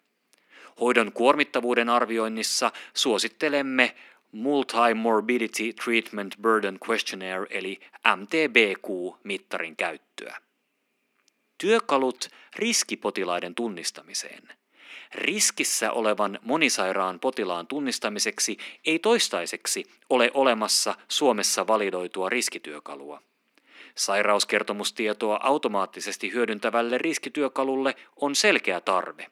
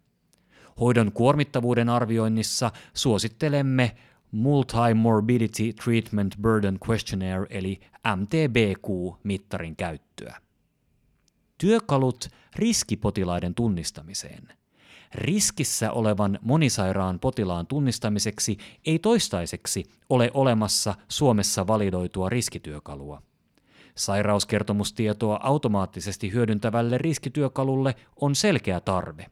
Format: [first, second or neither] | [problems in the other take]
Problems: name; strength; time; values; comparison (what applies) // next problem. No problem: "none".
second | thin; somewhat; fading below 250 Hz